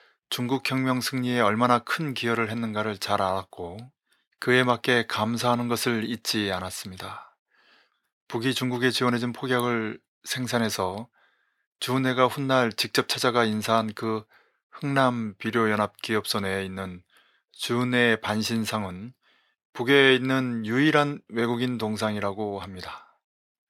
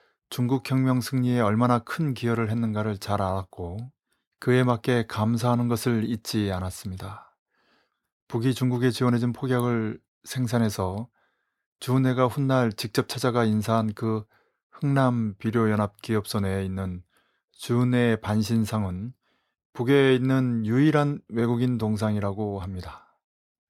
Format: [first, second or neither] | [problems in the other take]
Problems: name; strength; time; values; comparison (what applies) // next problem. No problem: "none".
second | thin; very slightly; fading below 750 Hz